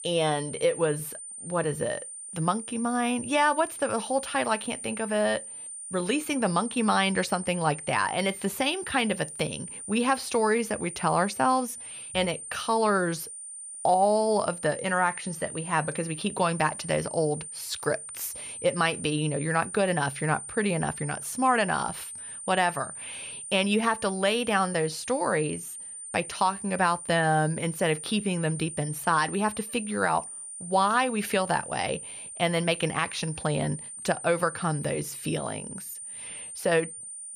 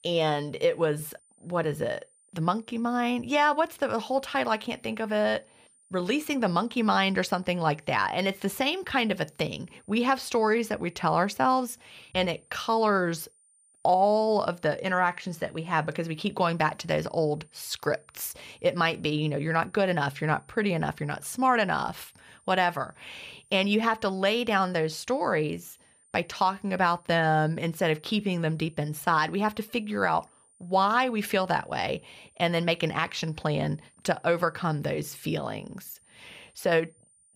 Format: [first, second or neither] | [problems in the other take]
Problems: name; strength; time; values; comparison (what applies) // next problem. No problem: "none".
second | high-pitched whine; loud; throughout; 9 kHz, 10 dB below the speech; faint in the second